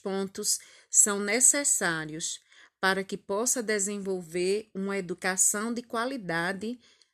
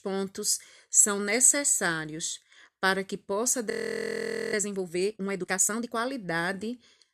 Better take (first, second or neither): first